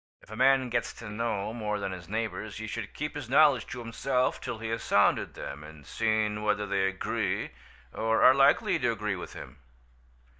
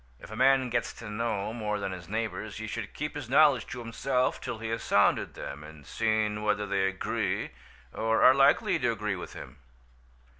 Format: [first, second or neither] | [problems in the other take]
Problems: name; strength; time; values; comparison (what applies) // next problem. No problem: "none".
second | noise reduction (neural mask model DeepFilterNet 3)